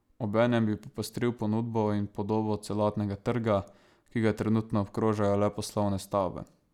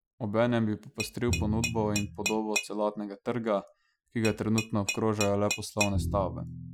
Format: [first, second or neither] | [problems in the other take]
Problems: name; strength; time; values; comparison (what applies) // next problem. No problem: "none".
first | noise reduction (classical method Wiener filter)